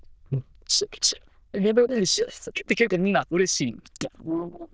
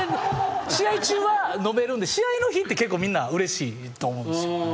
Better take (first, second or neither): second